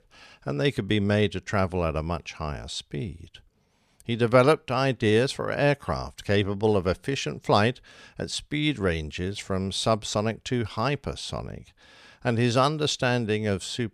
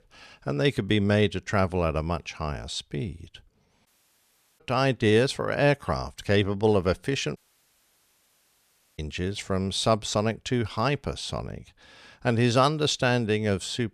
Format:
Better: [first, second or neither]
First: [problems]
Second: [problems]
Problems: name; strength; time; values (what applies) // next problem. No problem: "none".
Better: first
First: none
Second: audio cutting out; at 4 s for 0.5 s and at 7.5 s for 1.5 s